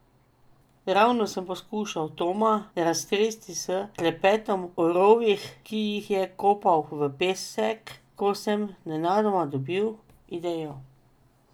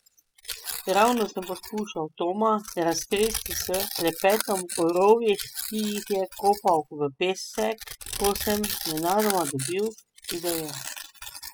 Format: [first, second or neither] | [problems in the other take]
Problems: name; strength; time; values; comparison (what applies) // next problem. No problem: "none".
first | noise reduction (classical method spectral subtraction)